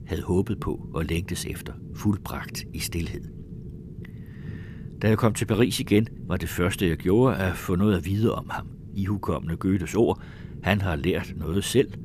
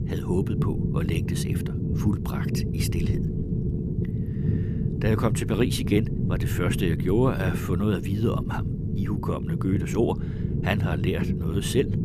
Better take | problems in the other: first | low rumble; loud; throughout; 6 dB below the speech; faint in the first

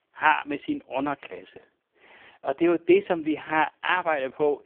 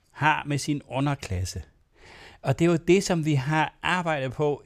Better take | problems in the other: second | phone-call audio; poor line

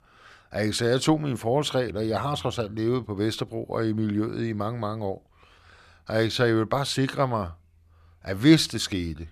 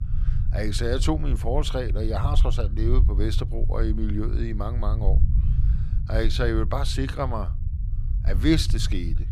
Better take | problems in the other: first | low rumble; noticeable; throughout; 15 dB below the speech

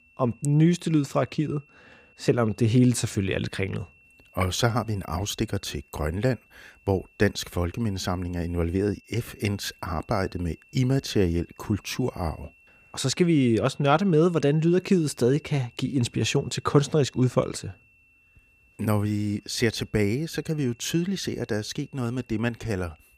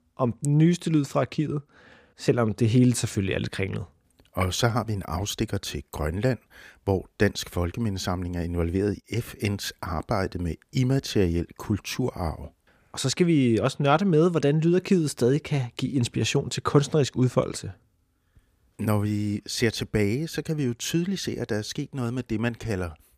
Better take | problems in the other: second | high-pitched whine; faint; throughout; 2.5 kHz, 30 dB below the speech

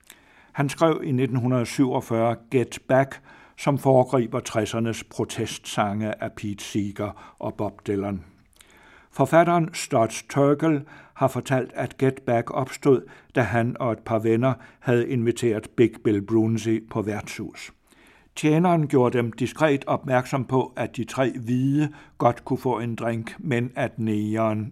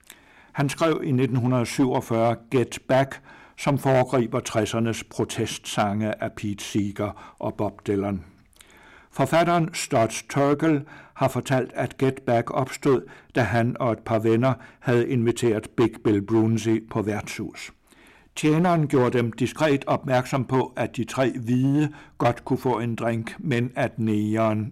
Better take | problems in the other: first | distortion; slight; 5% of the sound clipped

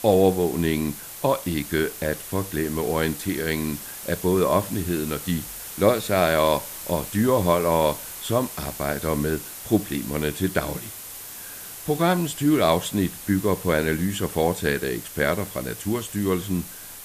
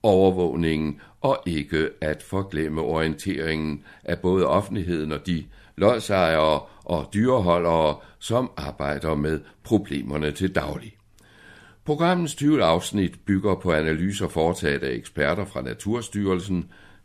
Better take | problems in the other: second | hiss; noticeable; throughout; 10 dB below the speech

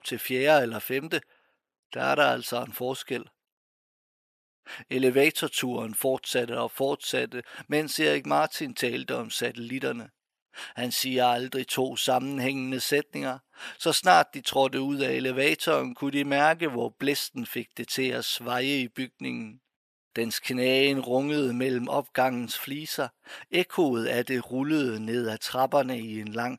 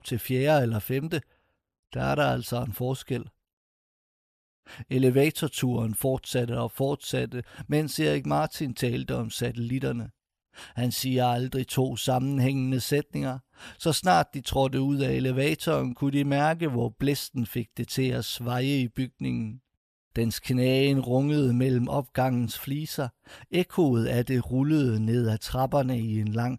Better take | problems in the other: second | thin; somewhat; fading below 300 Hz

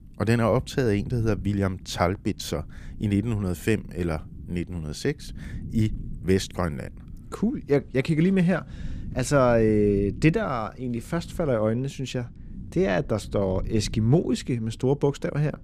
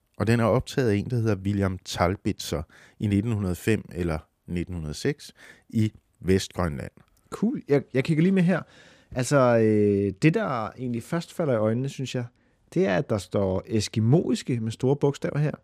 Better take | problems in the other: second | low rumble; faint; throughout; 25 dB below the speech

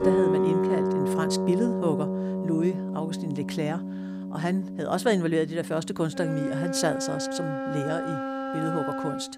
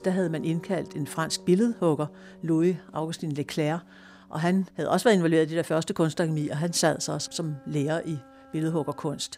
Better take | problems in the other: second | background music; loud; throughout; as loud as the speech; faint in the second

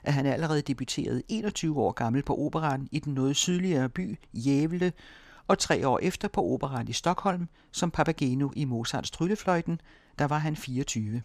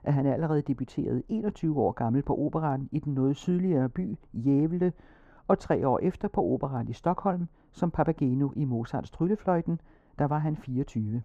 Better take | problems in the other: first | muffled; very; fading above 2 kHz

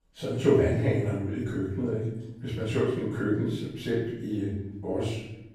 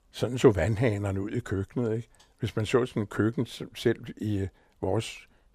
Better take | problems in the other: second | room echo; noticeable; dies away in 0.8 s // off-mic speech; far

